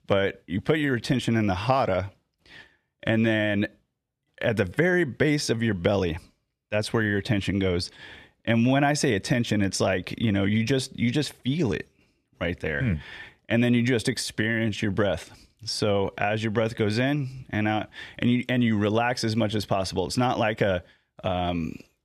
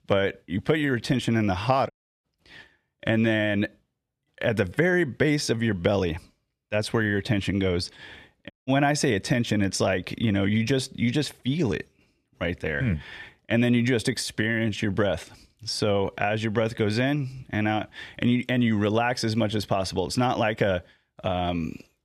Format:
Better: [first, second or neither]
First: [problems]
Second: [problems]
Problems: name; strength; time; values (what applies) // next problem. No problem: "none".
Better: first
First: none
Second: audio cutting out; at 2 s and at 8.5 s